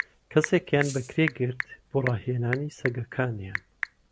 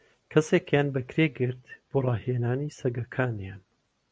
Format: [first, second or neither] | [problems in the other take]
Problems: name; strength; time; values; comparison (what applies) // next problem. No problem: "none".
second | background sound (Telephone / Typing + Rattle (instrument)); 10 dB below the speech